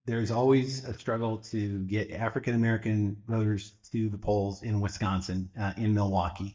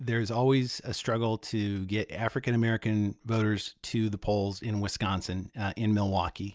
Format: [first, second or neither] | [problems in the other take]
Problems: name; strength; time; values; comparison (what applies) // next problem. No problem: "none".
second | noise reduction (neural mask model DeepFilterNet 3)